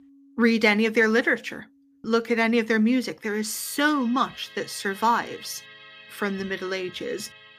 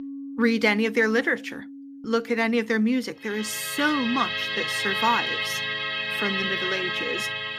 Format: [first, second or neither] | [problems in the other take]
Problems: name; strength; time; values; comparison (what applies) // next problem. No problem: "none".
first | background music; loud; throughout; 1 dB below the speech; faint in the first